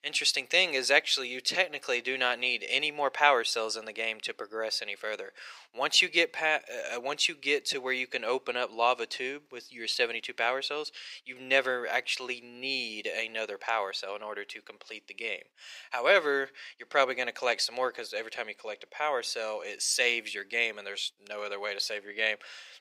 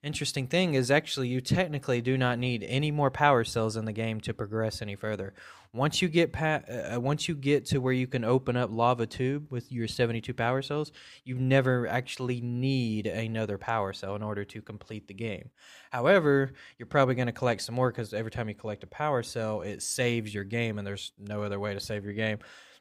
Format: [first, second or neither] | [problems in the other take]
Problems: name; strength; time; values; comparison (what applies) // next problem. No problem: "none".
second | thin; very; fading below 450 Hz